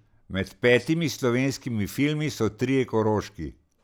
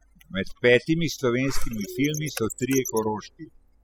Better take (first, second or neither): first